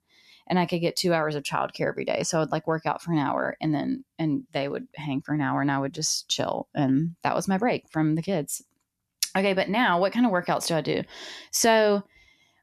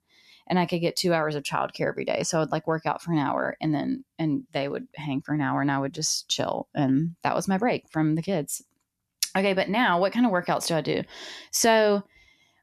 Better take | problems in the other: neither | none

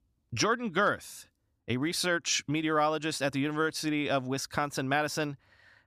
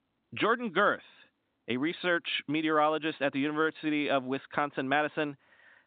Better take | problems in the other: first | phone-call audio; nothing above 3.5 kHz

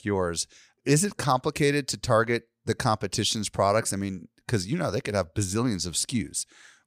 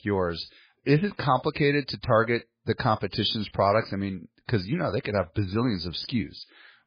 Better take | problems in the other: first | garbled, watery; badly; nothing above 5 kHz

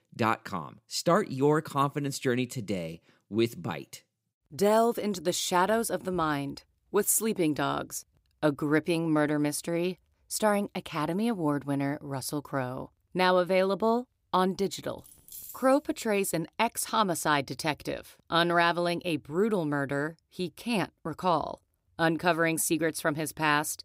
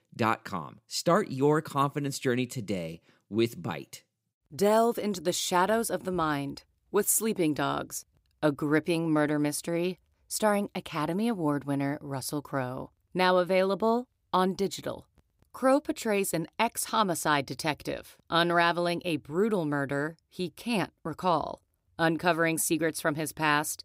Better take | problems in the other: second | jangling keys; faint; at 15 s; peak 15 dB below the speech

